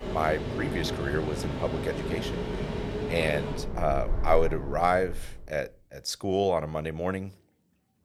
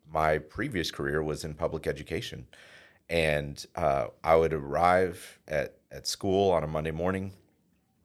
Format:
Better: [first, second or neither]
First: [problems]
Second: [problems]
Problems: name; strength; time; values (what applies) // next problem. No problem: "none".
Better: second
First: train or aircraft noise; loud; until 5 s; 4 dB below the speech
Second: none